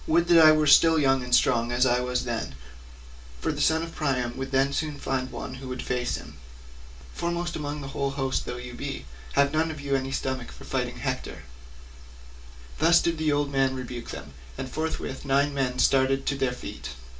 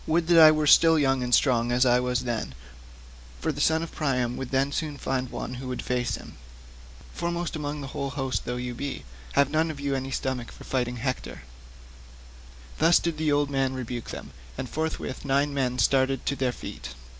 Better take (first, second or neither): second